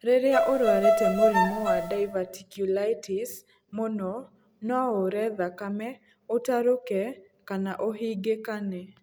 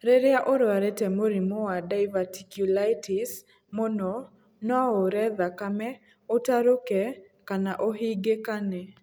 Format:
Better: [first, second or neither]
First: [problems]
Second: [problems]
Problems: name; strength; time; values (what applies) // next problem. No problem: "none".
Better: second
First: background sound (Bowed string instrument); 4 dB above the speech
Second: none